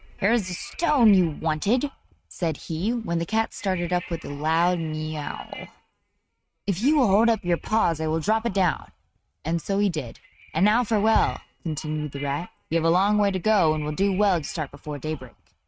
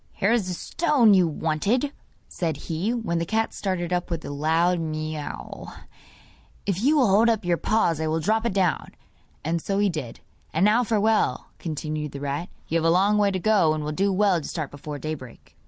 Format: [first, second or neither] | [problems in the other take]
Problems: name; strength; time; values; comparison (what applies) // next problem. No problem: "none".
second | noise reduction (neural mask model RNNoise)